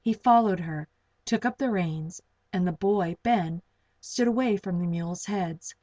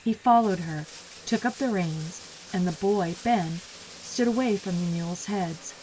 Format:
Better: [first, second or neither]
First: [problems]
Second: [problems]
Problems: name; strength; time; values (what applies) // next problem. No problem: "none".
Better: first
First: none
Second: background sound (Bathtub (filling or washing)); 18 dB below the speech